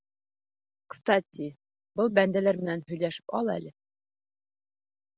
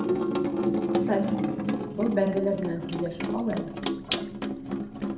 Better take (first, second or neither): first